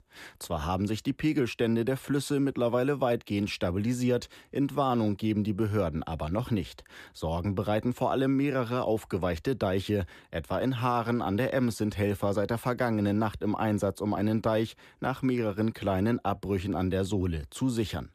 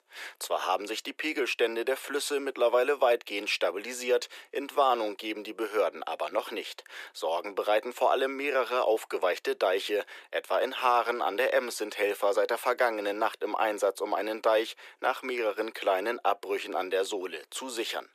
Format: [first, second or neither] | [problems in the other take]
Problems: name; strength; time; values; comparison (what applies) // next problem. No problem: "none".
first | thin; very; fading below 400 Hz